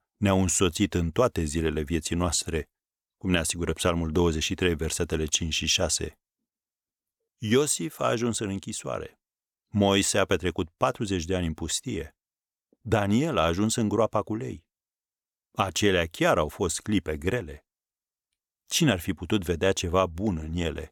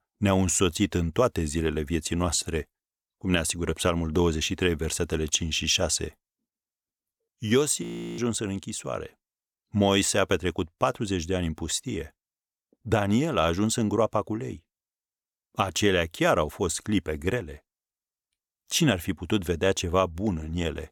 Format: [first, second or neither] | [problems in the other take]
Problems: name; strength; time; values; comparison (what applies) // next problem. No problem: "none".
first | audio freezing; at 8 s